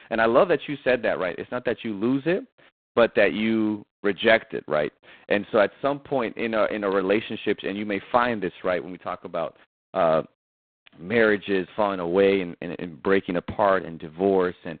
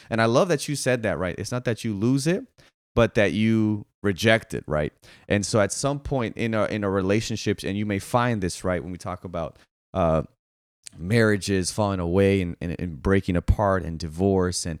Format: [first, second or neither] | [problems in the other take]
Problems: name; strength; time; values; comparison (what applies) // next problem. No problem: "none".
second | phone-call audio; poor line; nothing above 4 kHz